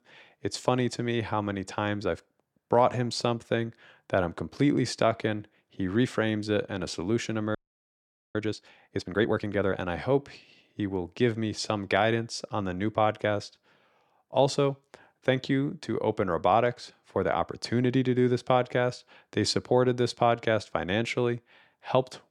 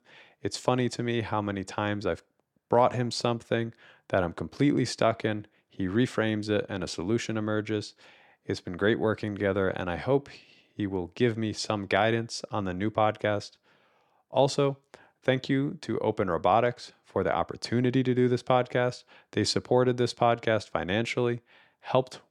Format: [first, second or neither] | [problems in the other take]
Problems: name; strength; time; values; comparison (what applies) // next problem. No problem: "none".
second | audio freezing; at 7.5 s for 1 s